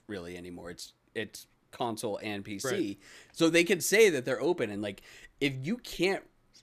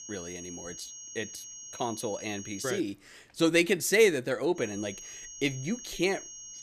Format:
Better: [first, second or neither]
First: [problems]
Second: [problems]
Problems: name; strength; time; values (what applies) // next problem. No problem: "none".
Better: first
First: none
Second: high-pitched whine; noticeable; until 3 s and from 4.5 s on; 6.5 kHz, 15 dB below the speech